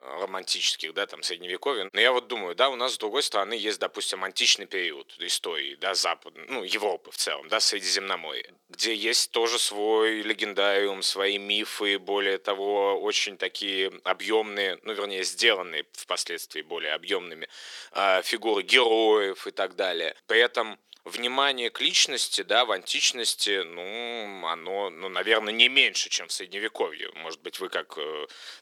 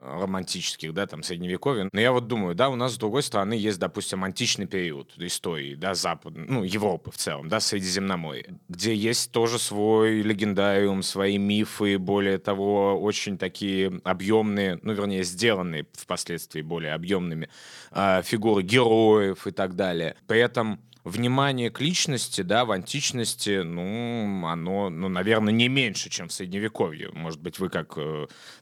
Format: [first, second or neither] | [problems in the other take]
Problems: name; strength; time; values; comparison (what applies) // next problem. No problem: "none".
second | thin; very; fading below 350 Hz